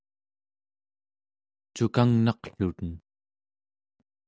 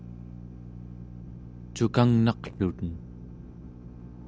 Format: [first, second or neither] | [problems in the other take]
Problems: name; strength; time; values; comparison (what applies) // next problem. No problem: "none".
first | background sound (Drill); 13 dB below the speech